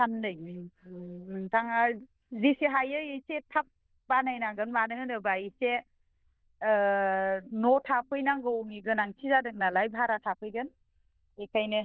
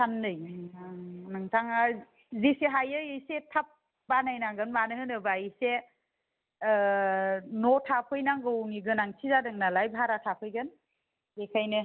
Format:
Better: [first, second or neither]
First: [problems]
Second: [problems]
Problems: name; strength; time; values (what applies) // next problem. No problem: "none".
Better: second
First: noise reduction (neural diffusion model UNIVERSE++)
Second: none